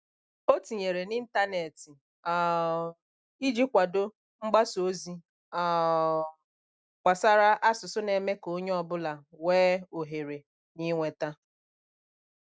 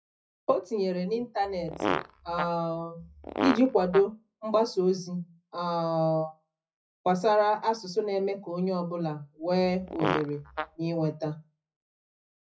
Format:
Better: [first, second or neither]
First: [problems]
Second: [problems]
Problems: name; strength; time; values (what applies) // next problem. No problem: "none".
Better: first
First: none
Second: noise reduction (classical method WPE with log-MMSE)